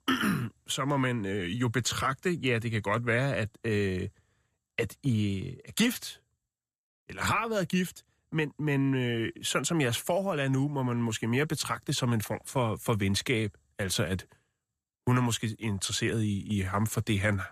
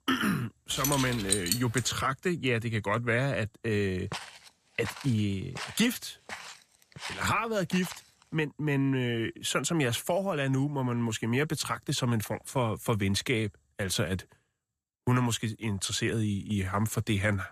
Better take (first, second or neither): first